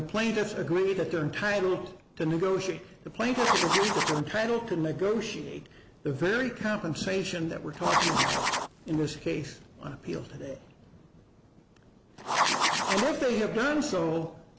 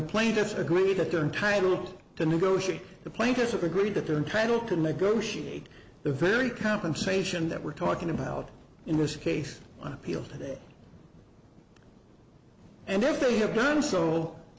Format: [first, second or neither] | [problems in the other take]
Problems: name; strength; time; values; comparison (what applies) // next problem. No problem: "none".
second | background sound (Writing); 1 dB above the speech